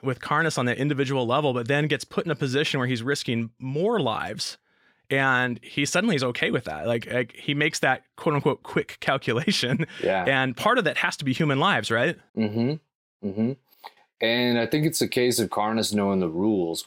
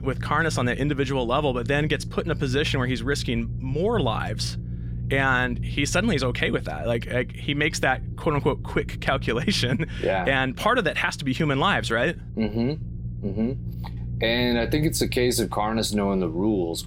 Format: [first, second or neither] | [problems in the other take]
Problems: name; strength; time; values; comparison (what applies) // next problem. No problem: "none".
first | low rumble; faint; throughout; 20 dB below the speech